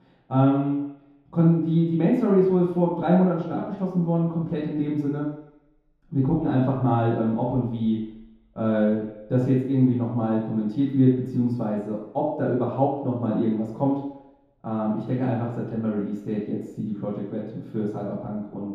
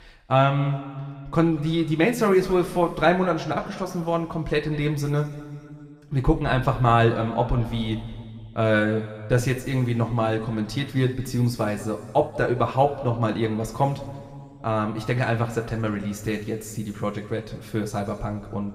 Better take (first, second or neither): second